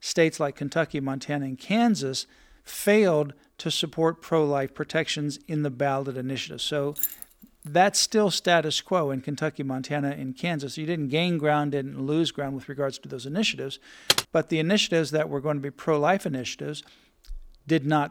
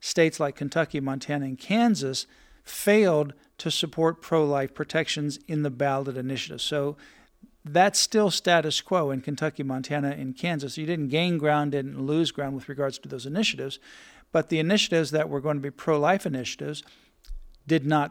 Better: second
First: jangling keys; noticeable; at 7 s; peak 2 dB below the speech // keyboard typing; loud; at 14 s; peak 3 dB above the speech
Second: none

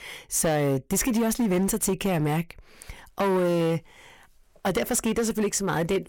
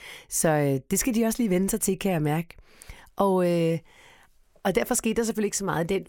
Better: second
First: distortion; slight; 13% of the sound clipped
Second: none

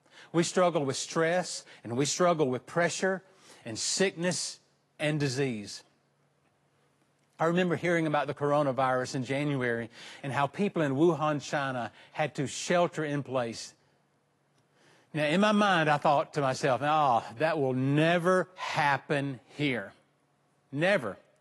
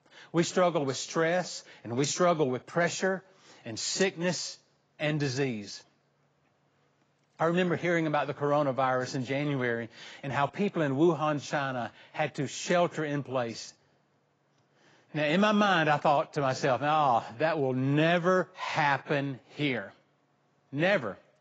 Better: first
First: garbled, watery; slightly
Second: garbled, watery; badly; nothing above 7.5 kHz

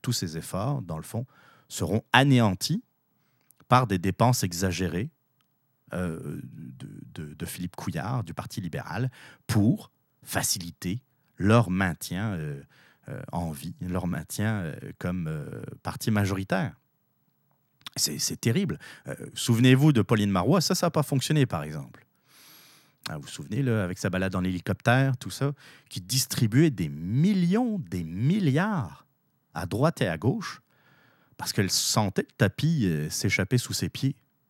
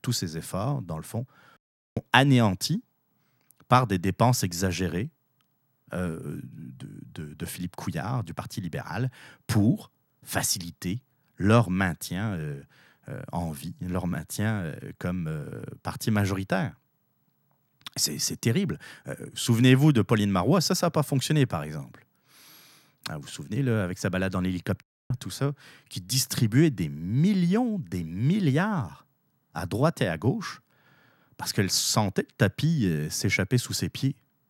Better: first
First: none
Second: audio cutting out; at 1.5 s and at 25 s

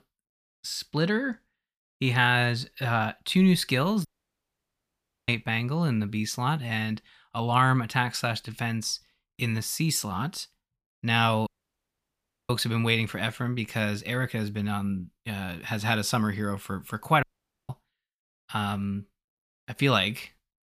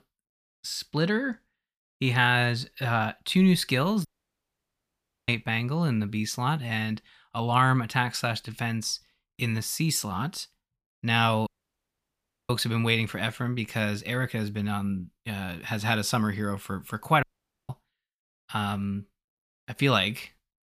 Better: neither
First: audio cutting out; at 4 s for 1 s, at 11 s for 1 s and at 17 s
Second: audio cutting out; at 4 s for 1 s, at 11 s for 1 s and at 17 s

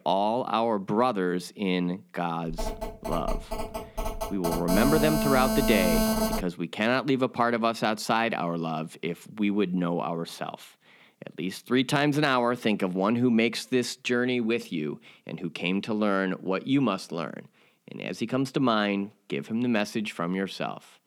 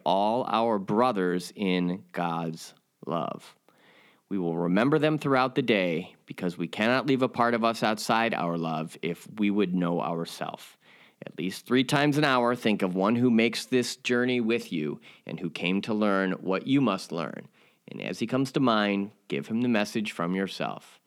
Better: second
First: phone ringing; loud; from 2.5 to 6.5 s; peak 3 dB above the speech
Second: none

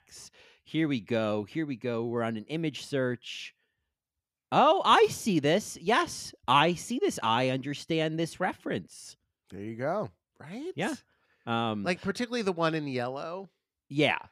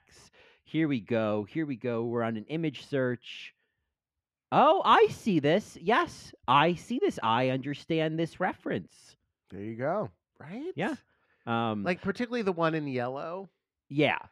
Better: first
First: none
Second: muffled; slightly; fading above 4 kHz

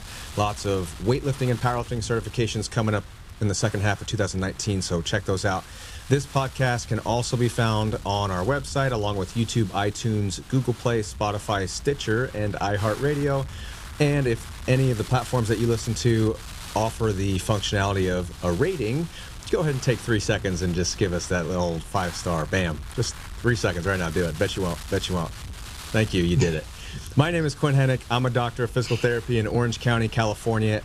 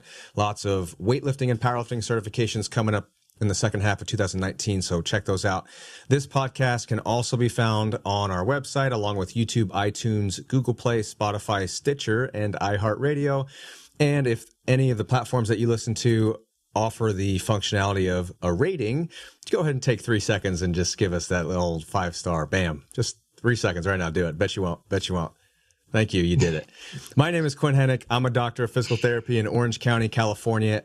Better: second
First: wind noise on the microphone; occasional gusts; 15 dB below the speech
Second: none

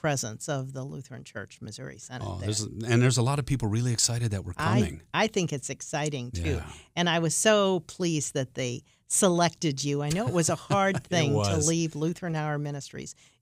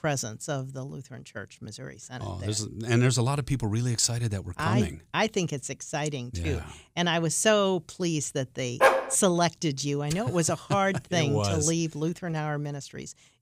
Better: first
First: none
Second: dog barking; loud; at 9 s; peak 5 dB above the speech

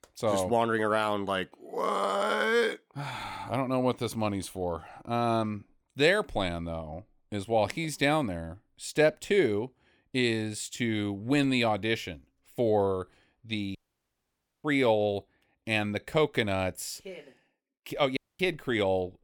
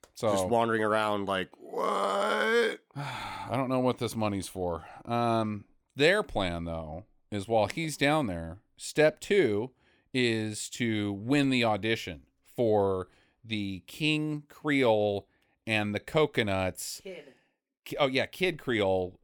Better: second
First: audio cutting out; at 14 s for 1 s and at 18 s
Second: none

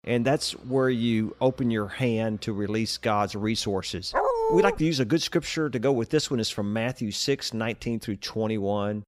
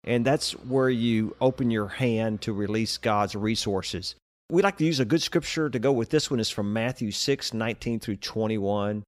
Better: second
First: dog barking; loud; at 4 s; peak 2 dB above the speech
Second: none

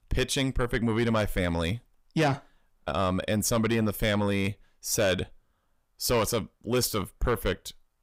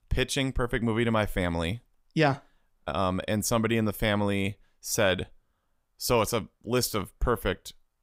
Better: second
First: distortion; slight; 10 dB below the speech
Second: none

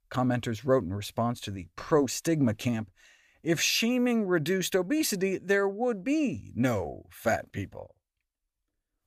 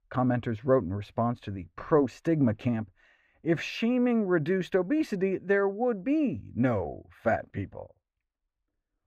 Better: first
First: none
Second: muffled; very; fading above 4 kHz

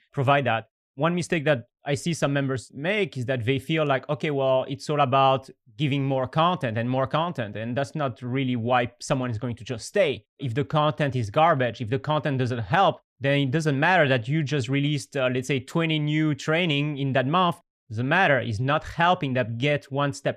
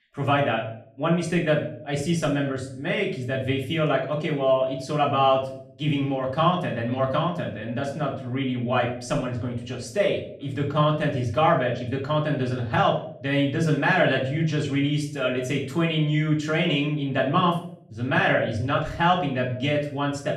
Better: first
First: none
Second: off-mic speech; far // room echo; slight; dies away in 0.5 s

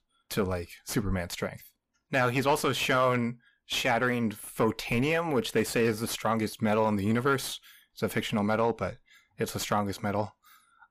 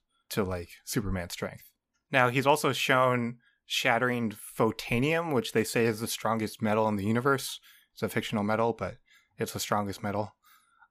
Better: second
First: distortion; slight; 10 dB below the speech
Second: none

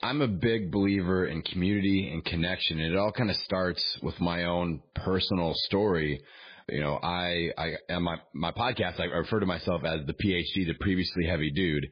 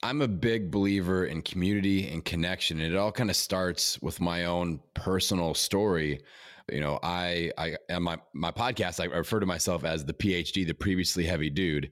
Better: second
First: garbled, watery; badly; nothing above 4.5 kHz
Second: none

